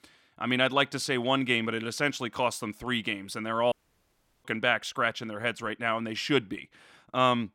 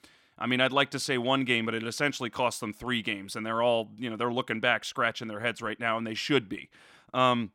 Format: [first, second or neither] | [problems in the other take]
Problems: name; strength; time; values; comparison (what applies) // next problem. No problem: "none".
second | audio cutting out; at 3.5 s for 0.5 s